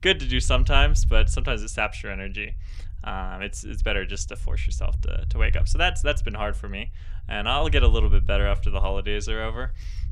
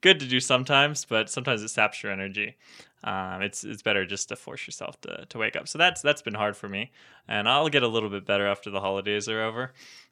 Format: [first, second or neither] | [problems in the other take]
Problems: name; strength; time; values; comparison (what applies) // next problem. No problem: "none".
second | low rumble; faint; throughout; 20 dB below the speech